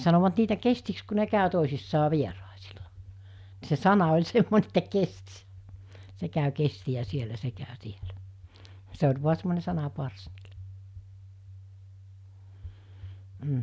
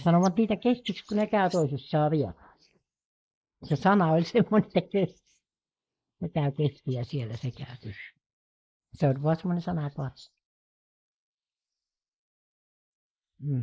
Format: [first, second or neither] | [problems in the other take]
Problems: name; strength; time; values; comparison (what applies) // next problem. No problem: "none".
first | noise reduction (neural mask model Resemble Enhance denoiser)